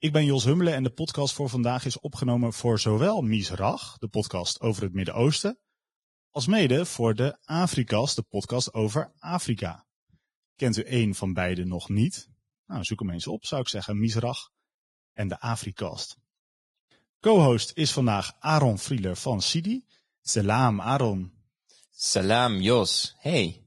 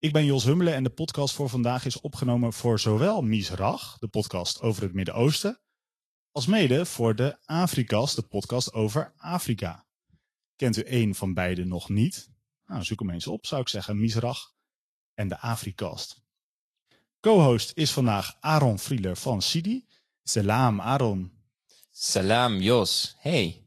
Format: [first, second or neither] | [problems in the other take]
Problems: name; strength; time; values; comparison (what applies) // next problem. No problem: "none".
second | garbled, watery; badly; nothing above 10.5 kHz; slightly in the second